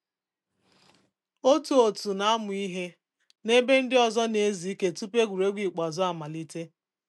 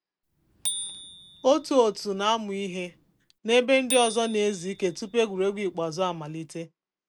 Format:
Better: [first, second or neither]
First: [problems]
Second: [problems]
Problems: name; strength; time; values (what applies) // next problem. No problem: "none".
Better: first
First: none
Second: background sound (Bicycle bell); 13 dB below the speech